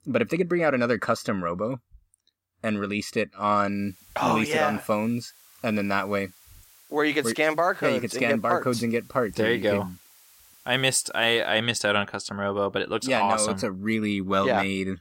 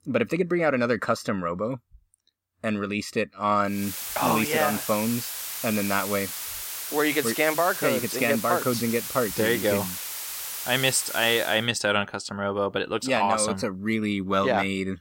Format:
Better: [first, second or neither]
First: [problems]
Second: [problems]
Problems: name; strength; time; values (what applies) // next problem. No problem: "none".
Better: first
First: hiss; faint; from 4 to 12 s; 25 dB below the speech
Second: hiss; loud; from 4 to 12 s; 6 dB below the speech